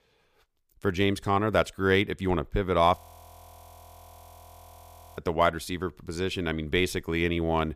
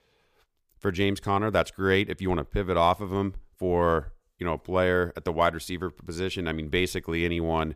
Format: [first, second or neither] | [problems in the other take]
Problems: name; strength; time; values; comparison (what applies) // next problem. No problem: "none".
second | audio freezing; at 3 s for 2 s